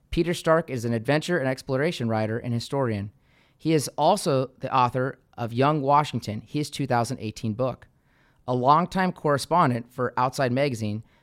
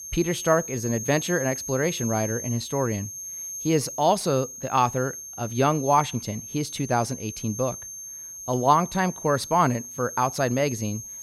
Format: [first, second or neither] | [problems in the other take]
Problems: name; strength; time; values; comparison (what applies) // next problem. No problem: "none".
first | high-pitched whine; loud; throughout; 6.5 kHz, 9 dB below the speech